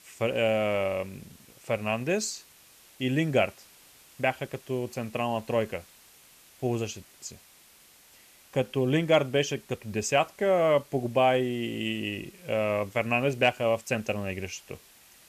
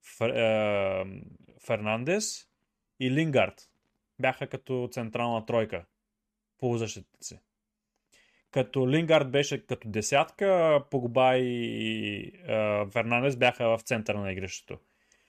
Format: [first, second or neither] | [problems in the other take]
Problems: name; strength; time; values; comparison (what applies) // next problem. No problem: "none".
second | hiss; faint; throughout; 25 dB below the speech